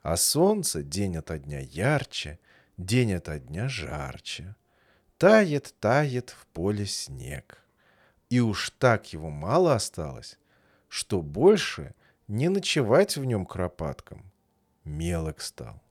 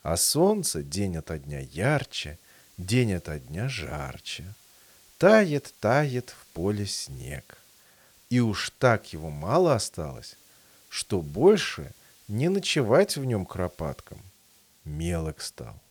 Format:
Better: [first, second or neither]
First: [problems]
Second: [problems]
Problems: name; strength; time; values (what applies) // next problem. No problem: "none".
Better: first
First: none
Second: hiss; faint; throughout; 30 dB below the speech